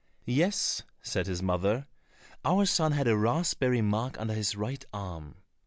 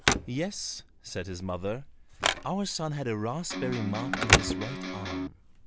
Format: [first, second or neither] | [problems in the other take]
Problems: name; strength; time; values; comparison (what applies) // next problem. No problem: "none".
first | background sound (Telephone + Electric guitar); 3 dB above the speech